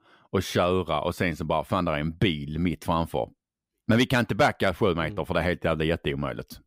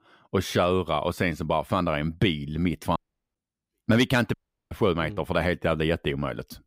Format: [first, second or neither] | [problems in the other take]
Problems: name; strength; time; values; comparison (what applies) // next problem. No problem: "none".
first | audio cutting out; at 3 s and at 4.5 s